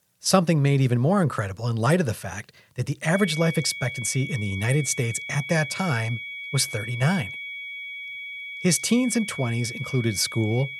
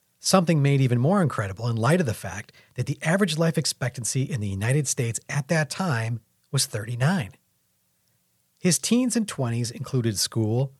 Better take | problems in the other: second | high-pitched whine; loud; from 3 s on; 2.5 kHz, 9 dB below the speech

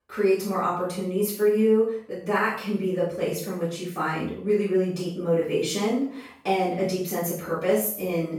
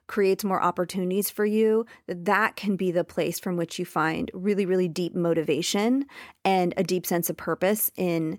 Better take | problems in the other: second | room echo; noticeable; dies away in 0.5 s // off-mic speech; far

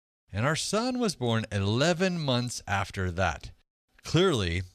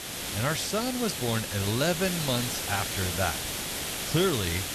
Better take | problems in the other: first | hiss; loud; throughout; 2 dB below the speech

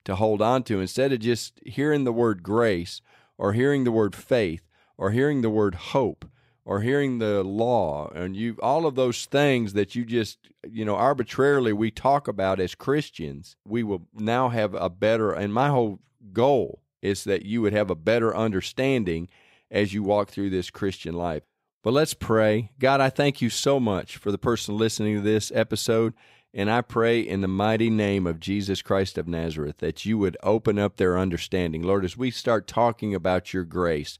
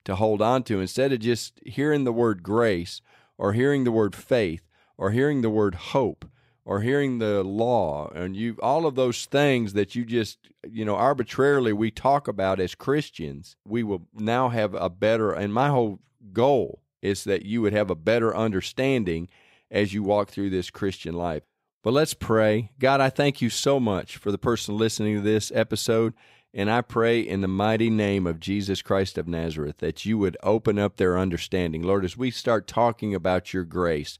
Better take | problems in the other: neither | none

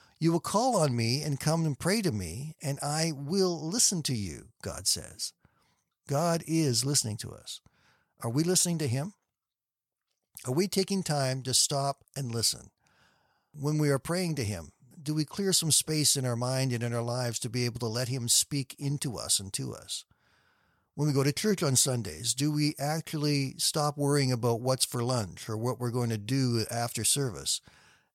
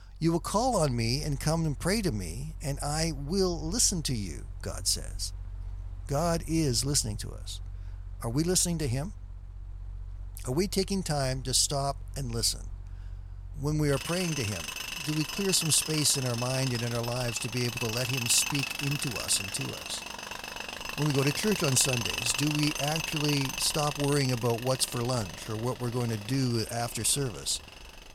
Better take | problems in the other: first | machinery noise; loud; throughout; 8 dB below the speech

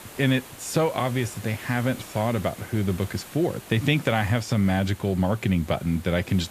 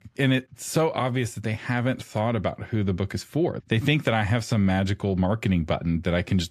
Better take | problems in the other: second | hiss; noticeable; throughout; 15 dB below the speech

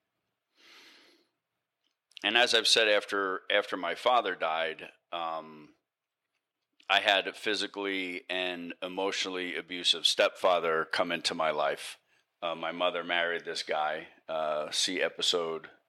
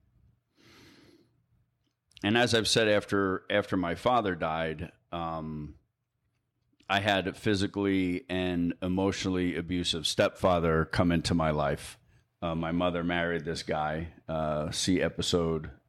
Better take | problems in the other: second | thin; somewhat; fading below 550 Hz

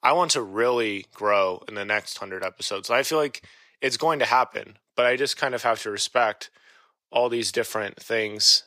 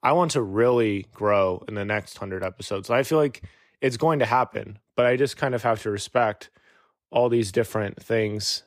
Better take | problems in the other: second | thin; somewhat; fading below 900 Hz

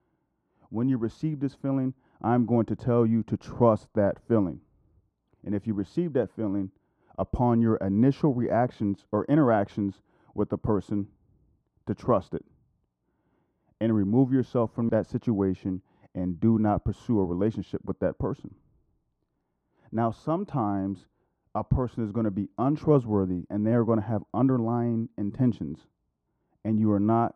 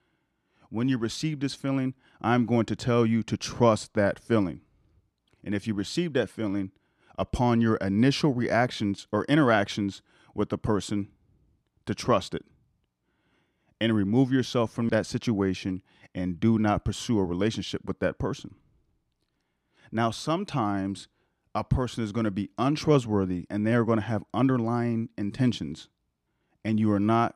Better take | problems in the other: second | muffled; very; fading above 1.5 kHz

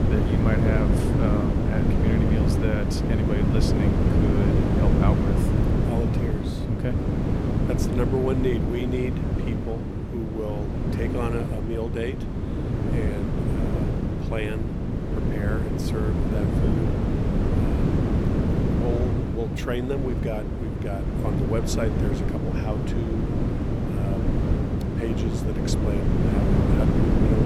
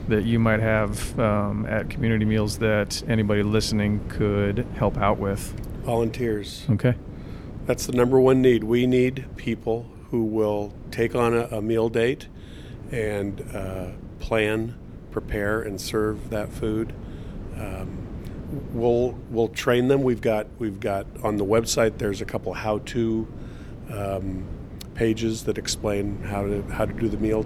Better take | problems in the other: second | wind noise on the microphone; heavy; 2 dB above the speech; occasional gusts in the second

